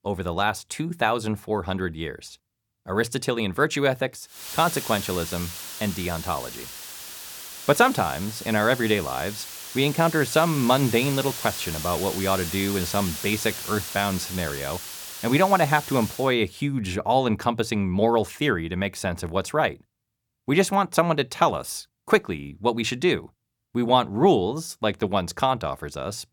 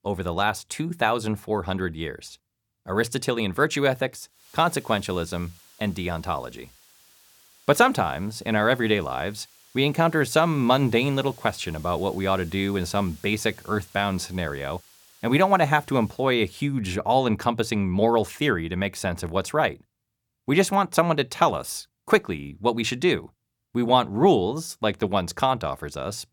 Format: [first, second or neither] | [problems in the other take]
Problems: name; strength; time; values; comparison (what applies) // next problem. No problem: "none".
second | hiss; loud; from 4.5 to 16 s; 9 dB below the speech; faint in the second